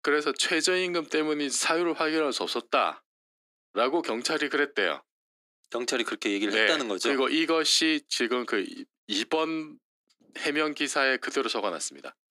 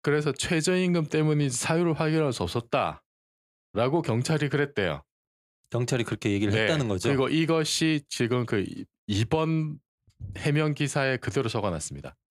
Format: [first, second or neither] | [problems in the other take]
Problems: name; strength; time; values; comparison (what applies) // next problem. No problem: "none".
second | thin; somewhat; fading below 250 Hz